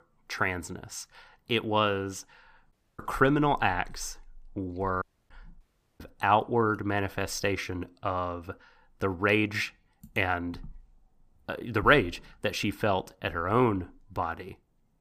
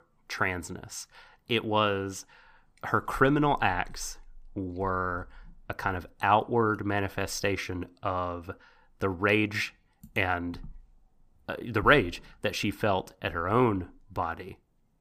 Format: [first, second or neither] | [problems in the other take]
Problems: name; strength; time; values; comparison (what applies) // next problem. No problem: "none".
second | audio cutting out; at 2.5 s, at 5 s and at 5.5 s